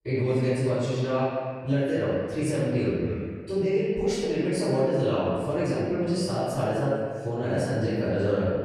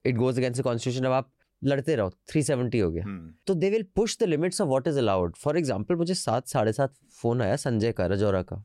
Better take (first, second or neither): second